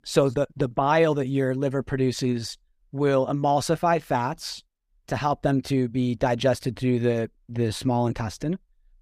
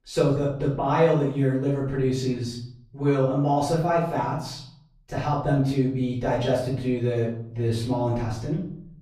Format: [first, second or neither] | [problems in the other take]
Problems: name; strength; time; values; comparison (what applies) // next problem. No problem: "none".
first | off-mic speech; far // room echo; noticeable; dies away in 0.7 s